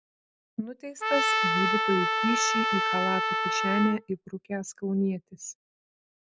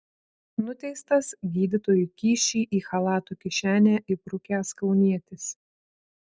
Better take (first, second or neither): second